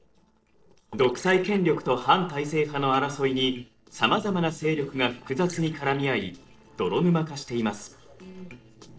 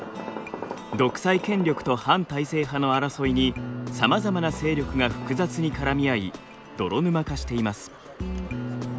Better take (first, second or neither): second